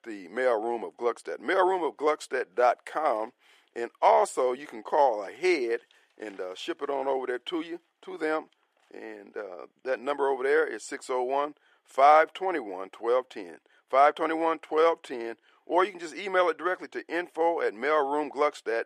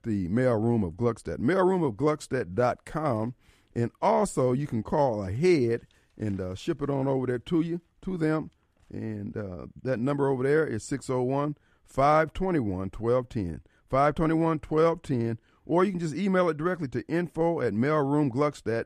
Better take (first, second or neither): second